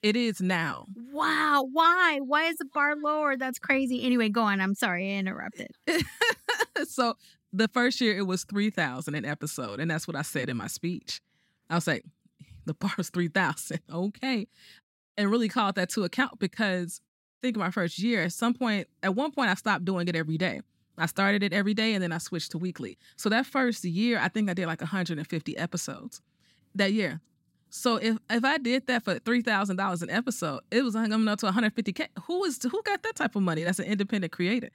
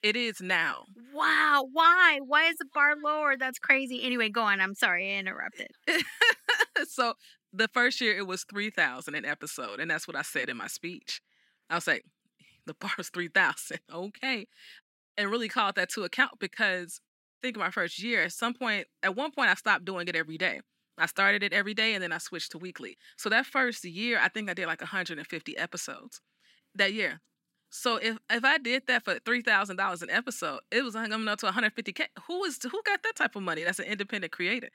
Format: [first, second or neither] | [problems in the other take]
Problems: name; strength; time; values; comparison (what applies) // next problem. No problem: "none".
first | thin; somewhat; fading below 350 Hz